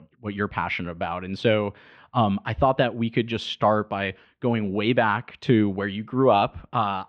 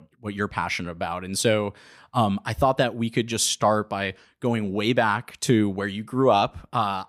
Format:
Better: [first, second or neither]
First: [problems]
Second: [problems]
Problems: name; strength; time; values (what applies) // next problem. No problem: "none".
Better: second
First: muffled; very; fading above 3 kHz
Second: none